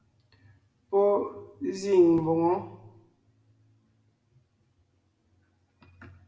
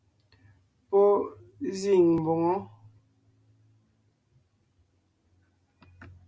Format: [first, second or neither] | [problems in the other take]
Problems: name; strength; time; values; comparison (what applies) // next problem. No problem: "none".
second | room echo; dies away in 0.7 s